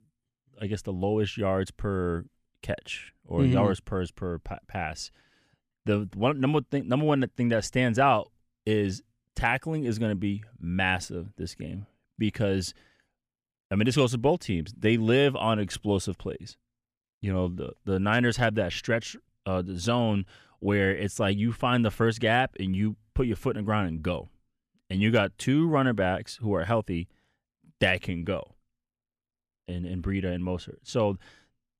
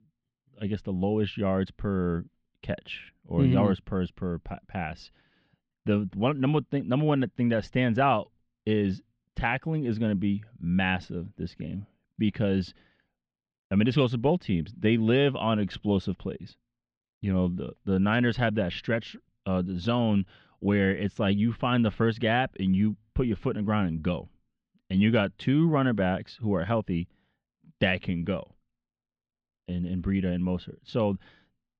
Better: first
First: none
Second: muffled; slightly; fading above 4 kHz

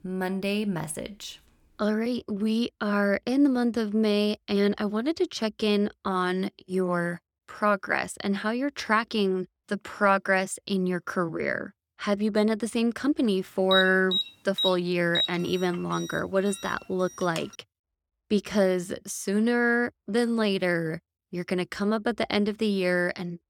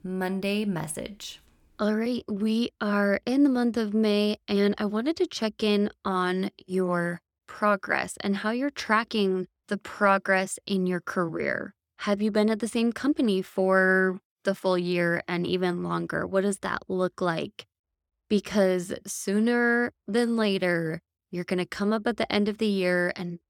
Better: second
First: alarm; loud; from 14 to 17 s; peak level with the speech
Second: none

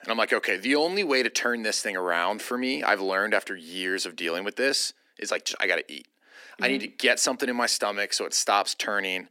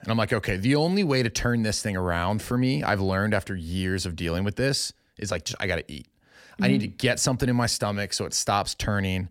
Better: second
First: thin; somewhat; fading below 300 Hz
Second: none

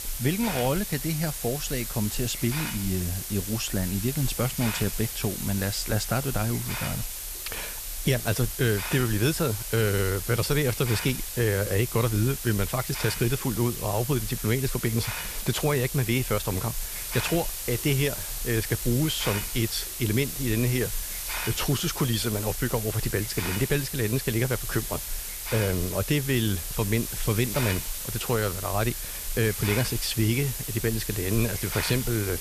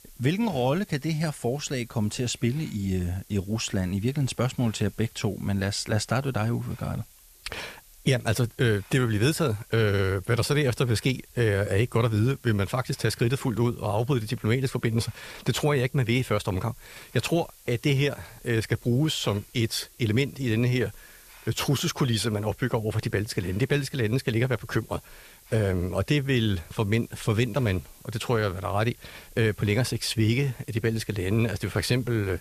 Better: second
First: hiss; loud; throughout; 4 dB below the speech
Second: hiss; faint; throughout; 25 dB below the speech

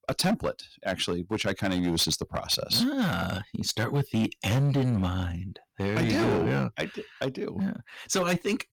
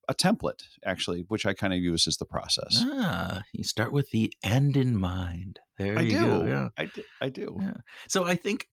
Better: second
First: distortion; slight; 10% of the sound clipped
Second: none

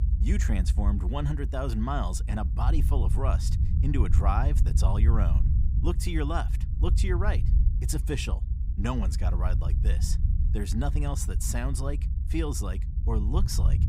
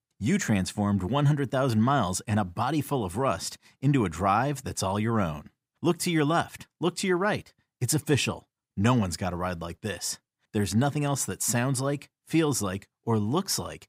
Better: second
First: low rumble; loud; throughout; 9 dB below the speech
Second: none

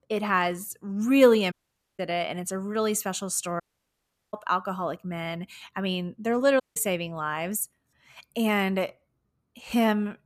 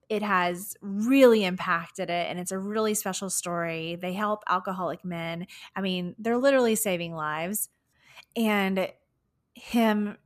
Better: second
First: audio cutting out; at 1.5 s, at 3.5 s for 0.5 s and at 6.5 s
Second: none

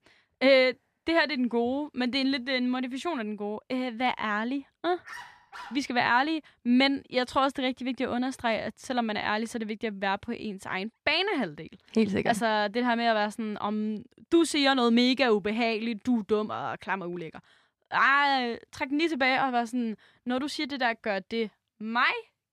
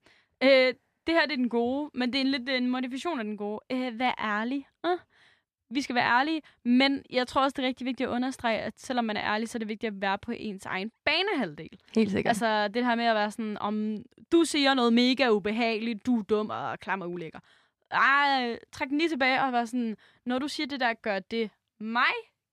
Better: second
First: dog barking; faint; at 5 s; peak 15 dB below the speech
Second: none

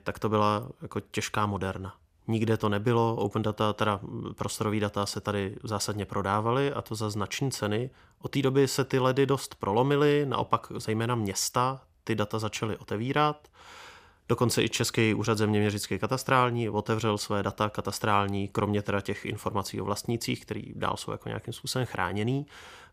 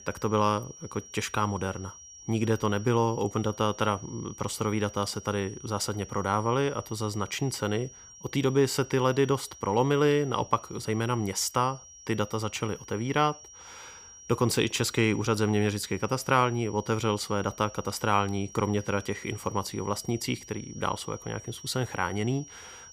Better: first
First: none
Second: high-pitched whine; noticeable; throughout; 5.5 kHz, 15 dB below the speech

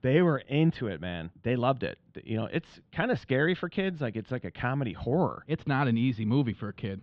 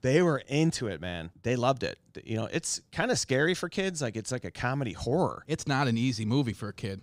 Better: second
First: muffled; very; fading above 3.5 kHz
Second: none

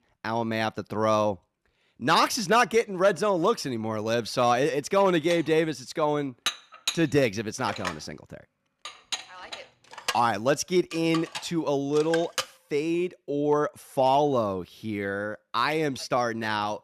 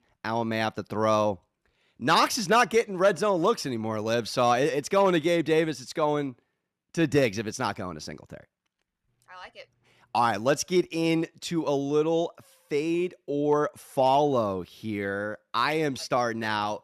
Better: second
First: clattering dishes; noticeable; from 5.5 to 12 s; peak 5 dB below the speech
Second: none

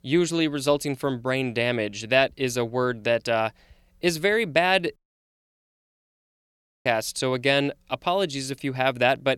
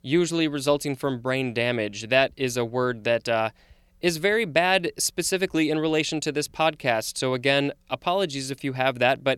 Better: second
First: audio cutting out; at 5 s for 2 s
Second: none

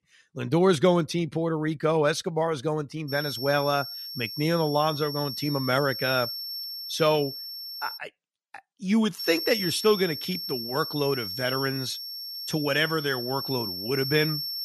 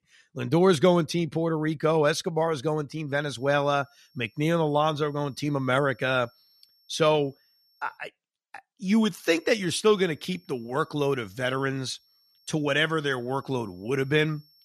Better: second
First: high-pitched whine; loud; from 3 to 8 s and from 9 s on; 5.5 kHz, 6 dB below the speech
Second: high-pitched whine; faint; from 3 to 8 s and from 9 s on; 5.5 kHz, 35 dB below the speech

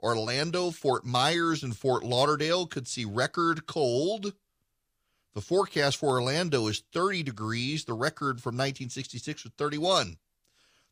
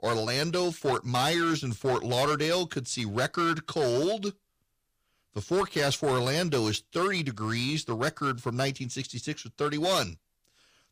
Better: first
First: none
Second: distortion; slight; 9% of the sound clipped

